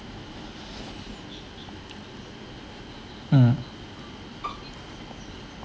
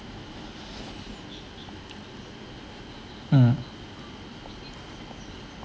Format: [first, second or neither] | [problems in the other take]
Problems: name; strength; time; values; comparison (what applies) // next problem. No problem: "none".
second | background sound (Bowed string instrument); 11 dB below the speech